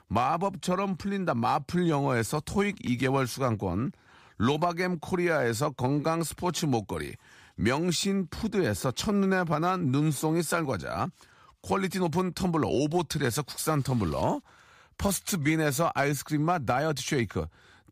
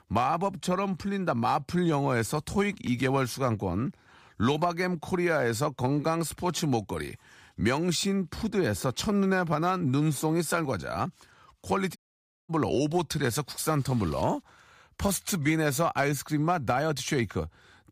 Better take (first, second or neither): first